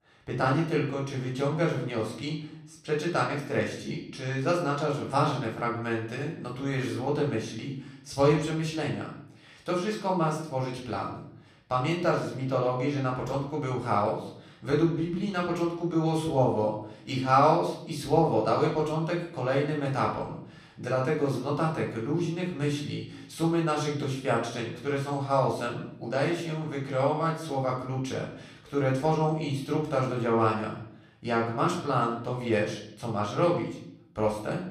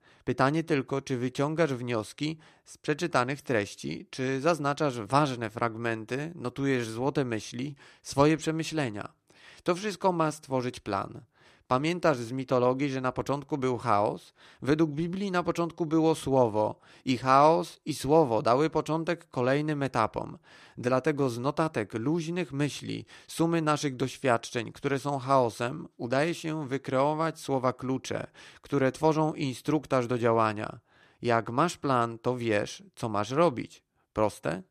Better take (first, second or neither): second